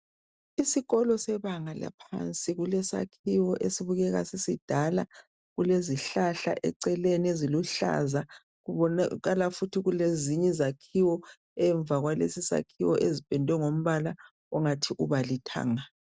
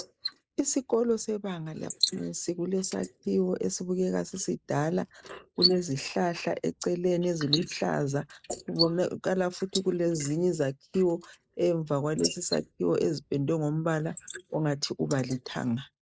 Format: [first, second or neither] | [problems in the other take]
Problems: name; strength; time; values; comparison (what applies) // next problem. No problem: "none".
first | noise reduction (neural mask model Resemble Enhance denoiser)